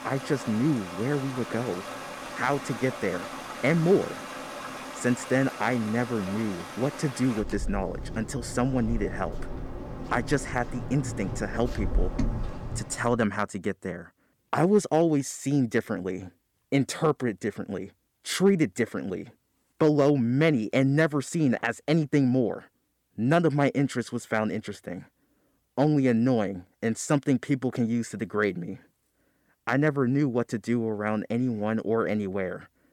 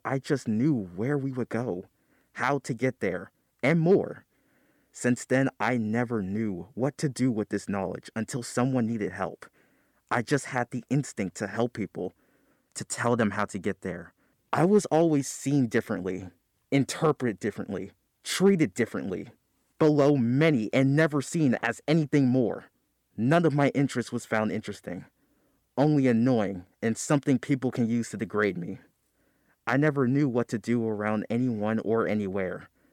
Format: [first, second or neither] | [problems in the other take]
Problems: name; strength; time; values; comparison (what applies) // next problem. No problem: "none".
second | rain or running water; loud; until 13 s; 10 dB below the speech